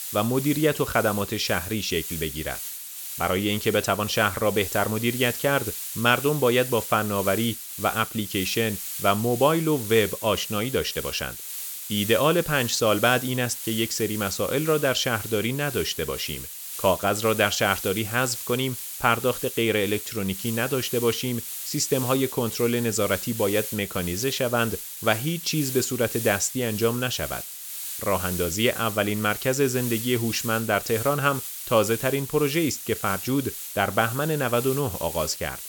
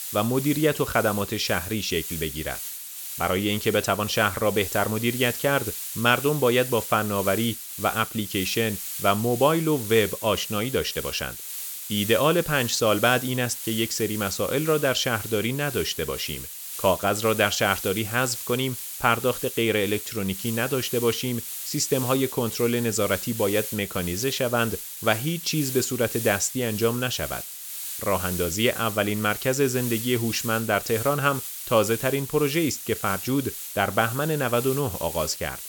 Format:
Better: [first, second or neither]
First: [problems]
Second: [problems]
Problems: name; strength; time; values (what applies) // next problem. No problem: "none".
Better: neither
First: hiss; loud; throughout; 8 dB below the speech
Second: hiss; loud; throughout; 8 dB below the speech